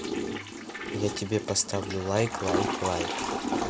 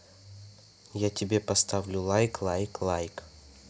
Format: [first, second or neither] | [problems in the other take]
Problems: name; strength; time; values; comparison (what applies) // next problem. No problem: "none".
second | background sound (Toilet flush / Water); 1 dB below the speech